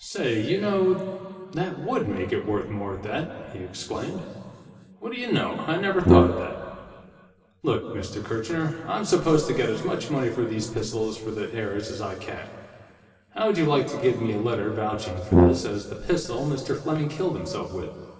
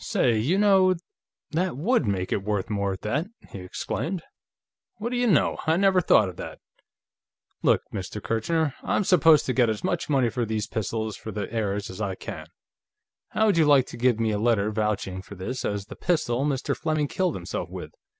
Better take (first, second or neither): second